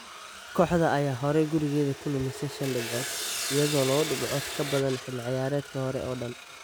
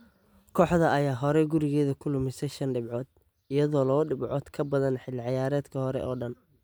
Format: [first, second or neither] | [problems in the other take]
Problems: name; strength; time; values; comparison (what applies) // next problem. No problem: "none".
second | background sound (Sawing); 9 dB below the speech